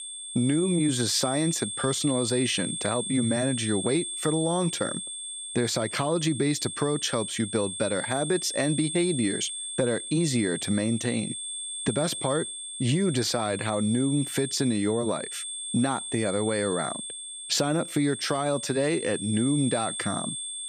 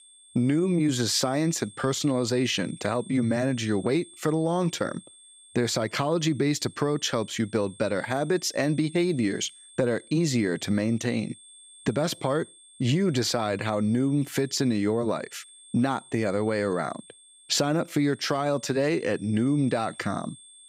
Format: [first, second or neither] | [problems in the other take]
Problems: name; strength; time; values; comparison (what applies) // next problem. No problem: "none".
second | high-pitched whine; loud; throughout; 8.5 kHz, 6 dB below the speech; faint in the second